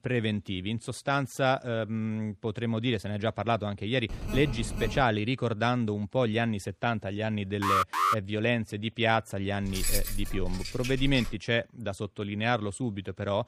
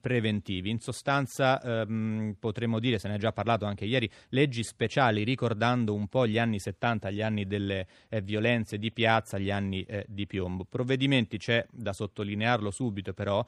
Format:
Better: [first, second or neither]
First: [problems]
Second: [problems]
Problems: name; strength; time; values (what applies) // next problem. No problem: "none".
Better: second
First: phone ringing; noticeable; at 4 s; peak 6 dB below the speech // alarm; loud; at 7.5 s; peak 4 dB above the speech // jangling keys; noticeable; from 9.5 to 11 s; peak level with the speech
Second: none